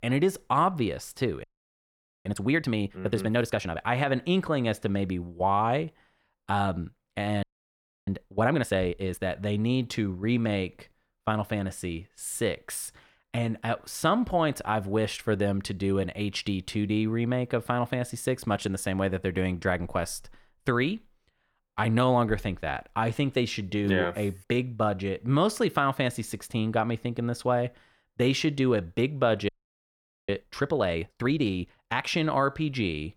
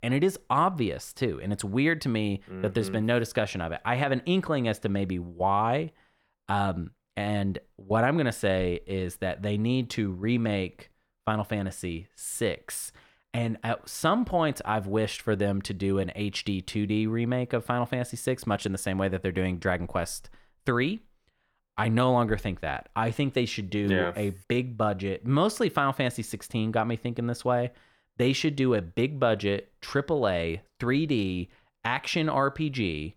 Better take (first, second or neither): second